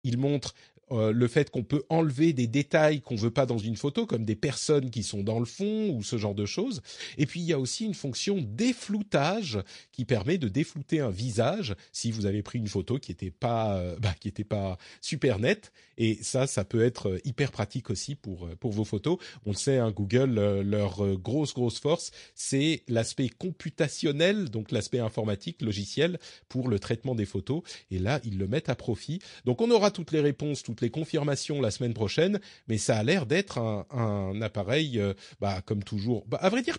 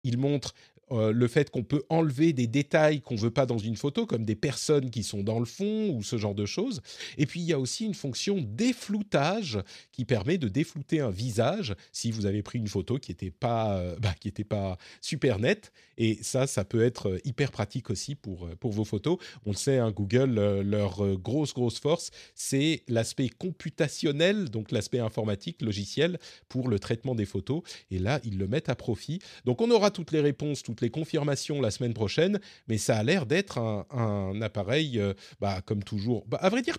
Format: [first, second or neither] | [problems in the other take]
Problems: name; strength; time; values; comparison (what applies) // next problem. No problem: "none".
second | garbled, watery; slightly; nothing above 10 kHz